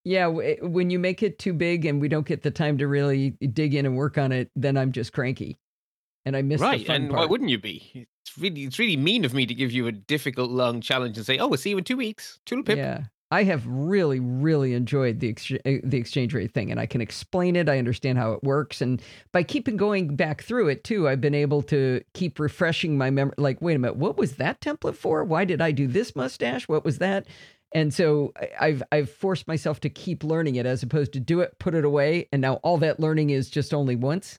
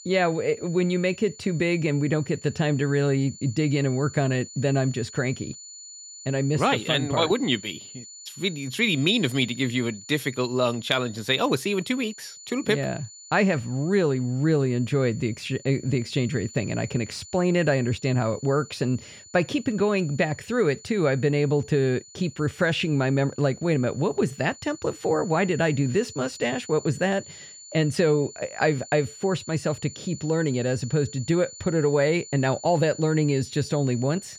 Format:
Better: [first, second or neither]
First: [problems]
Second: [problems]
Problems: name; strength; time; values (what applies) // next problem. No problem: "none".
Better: first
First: none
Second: high-pitched whine; noticeable; throughout; 7 kHz, 15 dB below the speech